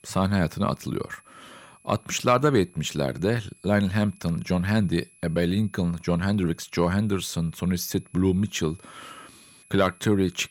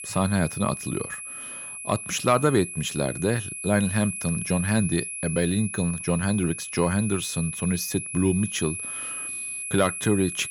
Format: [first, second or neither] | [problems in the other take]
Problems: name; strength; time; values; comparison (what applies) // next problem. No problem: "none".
first | high-pitched whine; loud; throughout; 11 kHz, 7 dB below the speech; faint in the first